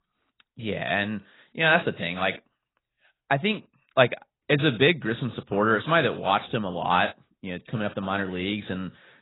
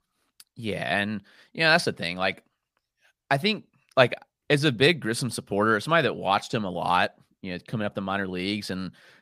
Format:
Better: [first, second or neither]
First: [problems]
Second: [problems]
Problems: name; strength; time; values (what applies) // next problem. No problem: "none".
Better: second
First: garbled, watery; badly; nothing above 4 kHz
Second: none